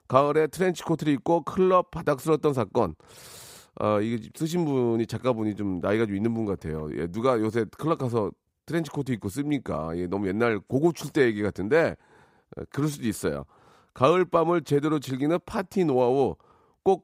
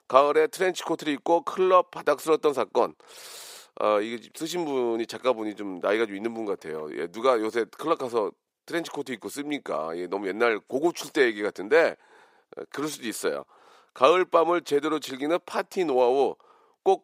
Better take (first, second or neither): first